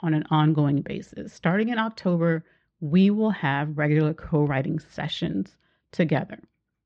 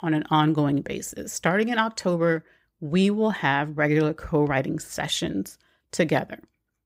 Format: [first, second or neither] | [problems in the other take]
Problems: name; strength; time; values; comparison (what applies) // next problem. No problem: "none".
second | muffled; slightly; fading above 4.5 kHz